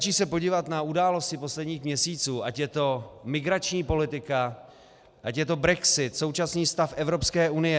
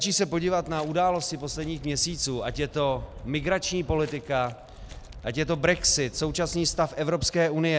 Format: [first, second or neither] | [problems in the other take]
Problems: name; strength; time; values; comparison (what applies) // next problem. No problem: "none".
first | background sound (Walk, footsteps); 16 dB below the speech